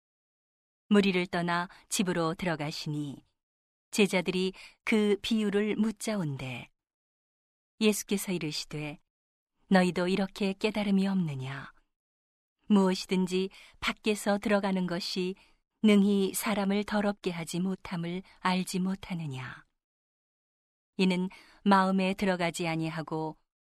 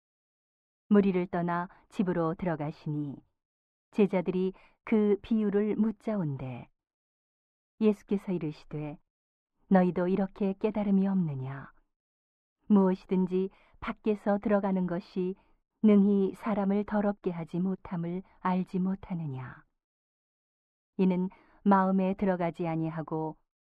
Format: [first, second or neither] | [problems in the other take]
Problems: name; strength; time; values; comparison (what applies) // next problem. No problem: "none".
first | muffled; very; fading above 2.5 kHz